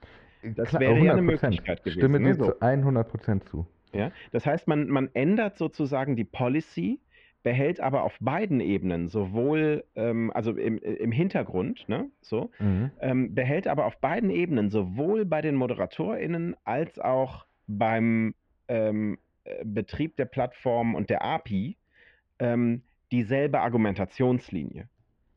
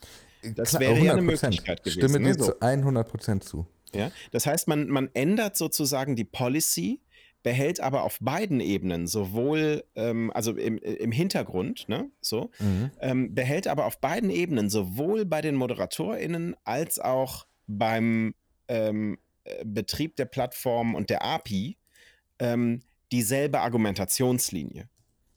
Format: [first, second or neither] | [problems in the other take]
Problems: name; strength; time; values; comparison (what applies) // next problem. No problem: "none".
second | muffled; very; fading above 2.5 kHz